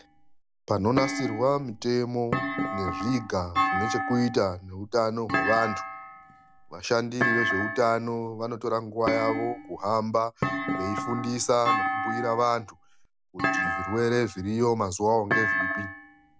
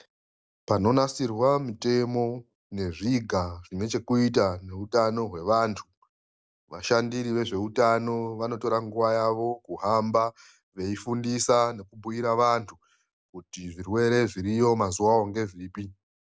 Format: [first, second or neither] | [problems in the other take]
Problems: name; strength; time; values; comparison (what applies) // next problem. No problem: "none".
second | background sound (Thump, thud); 3 dB below the speech